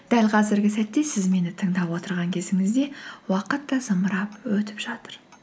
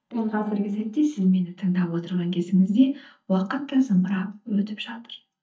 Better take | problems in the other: first | noise reduction (neural mask model DeepFilterNet 3)

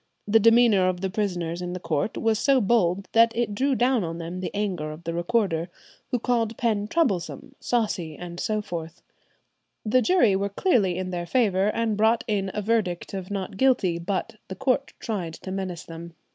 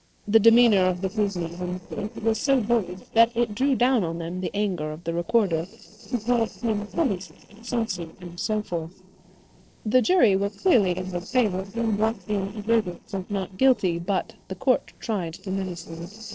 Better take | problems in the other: first | noise reduction (neural separator model SepFormer DNS4)

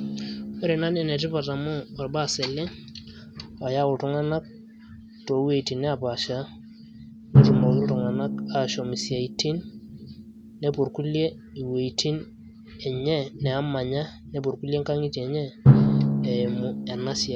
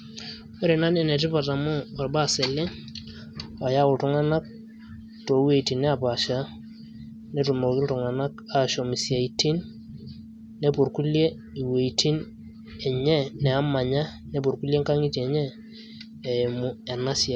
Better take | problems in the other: second | background sound (Drum); as loud as the speech

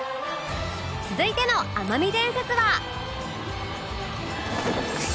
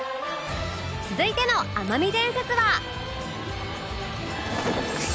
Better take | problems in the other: second | background sound (Motor vehicle (road) / Siren); 16 dB below the speech

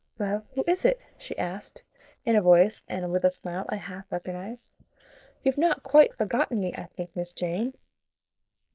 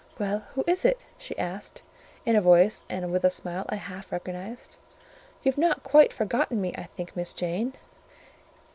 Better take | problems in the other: second | noise reduction (neural mask model Resemble Enhance denoiser)

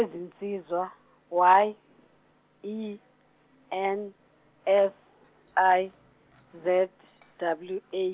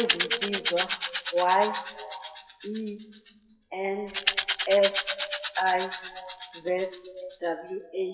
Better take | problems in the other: first | noise reduction (classical method WPE with log-MMSE)

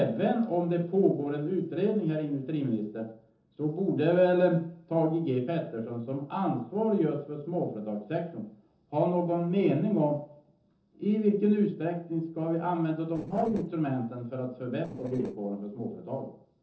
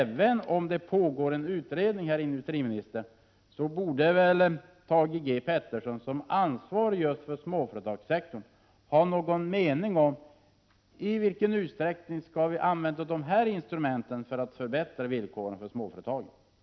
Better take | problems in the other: second | noise reduction (neural separator model SepFormer DNS4)

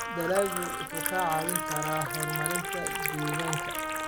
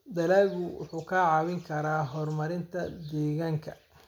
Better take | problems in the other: second | background sound (Trumpet + Liquid); 1 dB above the speech

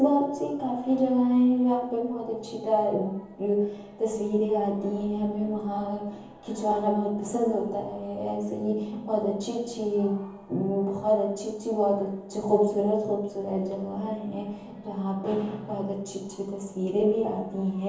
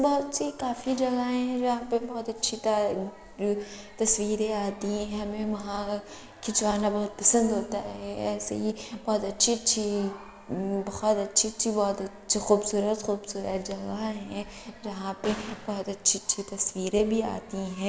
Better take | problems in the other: second | room echo; dies away in 0.7 s

